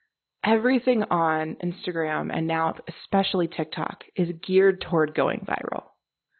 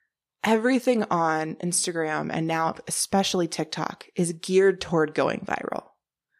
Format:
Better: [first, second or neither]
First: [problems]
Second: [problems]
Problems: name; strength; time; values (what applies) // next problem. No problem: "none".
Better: second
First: garbled, watery; badly; nothing above 4 kHz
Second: none